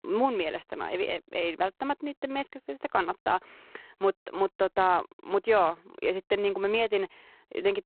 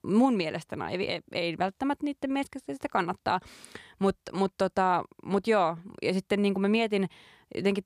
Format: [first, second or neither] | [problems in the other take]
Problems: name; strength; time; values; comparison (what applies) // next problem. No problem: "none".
second | phone-call audio; poor line